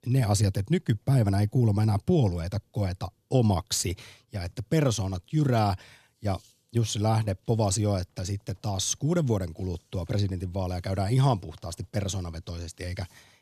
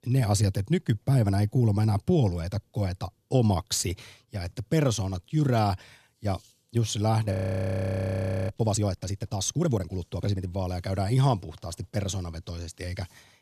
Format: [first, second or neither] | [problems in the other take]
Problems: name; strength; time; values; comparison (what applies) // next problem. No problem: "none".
first | audio freezing; at 7.5 s for 1 s